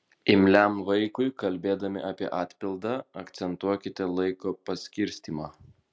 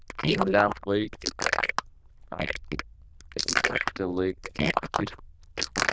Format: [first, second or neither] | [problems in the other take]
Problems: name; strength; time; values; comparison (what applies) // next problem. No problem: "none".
first | noise reduction (neural diffusion model UNIVERSE++)